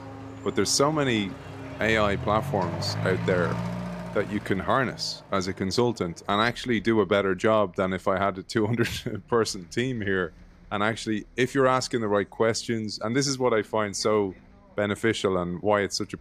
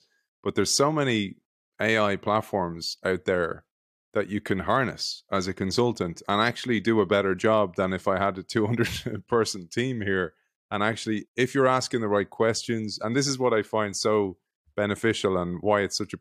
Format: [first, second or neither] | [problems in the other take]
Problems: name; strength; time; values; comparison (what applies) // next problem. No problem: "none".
second | traffic noise; loud; throughout; 9 dB below the speech